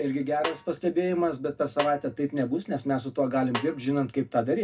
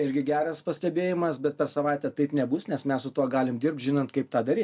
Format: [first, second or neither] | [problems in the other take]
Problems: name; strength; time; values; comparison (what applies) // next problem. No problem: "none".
second | background sound (Snare drum); 13 dB below the speech // room echo; dies away in 0.2 s